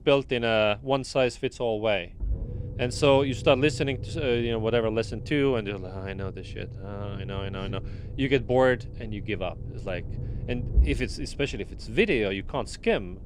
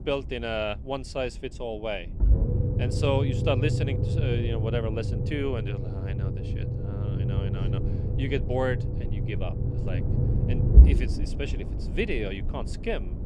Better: first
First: low rumble; faint; throughout; 20 dB below the speech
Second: low rumble; loud; throughout; 6 dB below the speech

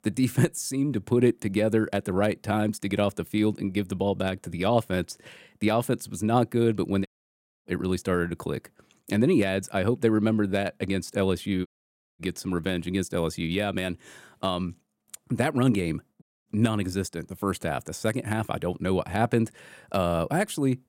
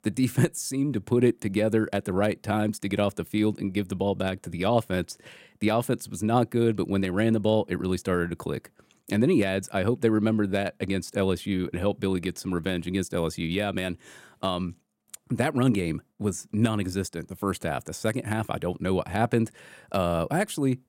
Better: second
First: audio cutting out; at 7 s for 0.5 s, at 12 s for 0.5 s and at 16 s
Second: none

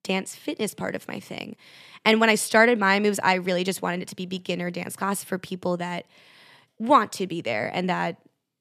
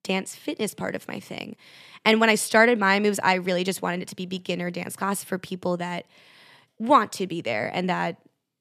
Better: neither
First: none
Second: none

